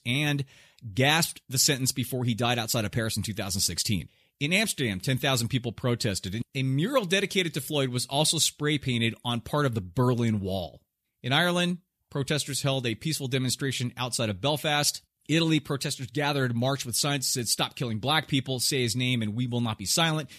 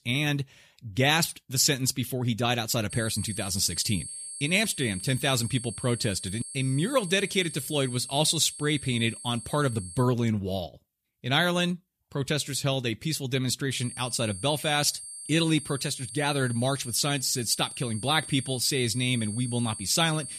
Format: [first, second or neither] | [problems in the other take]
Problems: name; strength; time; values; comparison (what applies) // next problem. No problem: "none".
first | high-pitched whine; noticeable; from 3 to 10 s and from 14 s on; 8.5 kHz, 10 dB below the speech